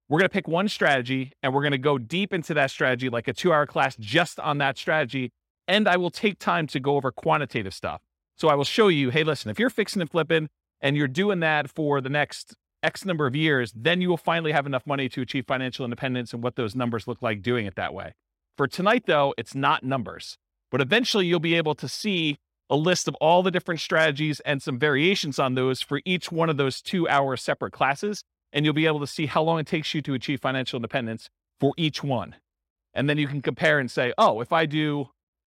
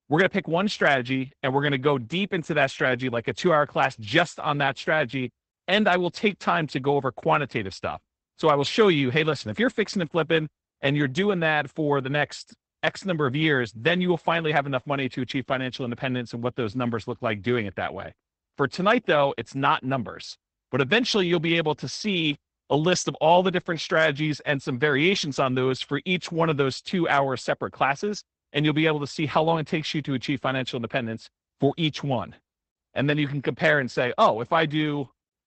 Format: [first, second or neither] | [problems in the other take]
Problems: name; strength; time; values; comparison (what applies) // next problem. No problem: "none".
first | garbled, watery; badly; nothing above 8 kHz